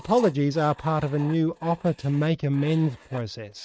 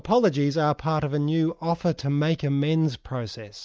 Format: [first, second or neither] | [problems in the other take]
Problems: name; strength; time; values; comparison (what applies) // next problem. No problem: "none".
second | noise reduction (neural mask model RNNoise)